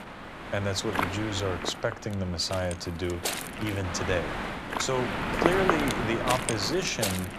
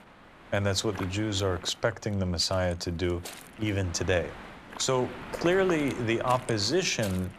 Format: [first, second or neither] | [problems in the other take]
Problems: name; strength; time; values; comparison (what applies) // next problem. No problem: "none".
second | wind noise on the microphone; heavy; 1 dB above the speech; occasional gusts in the second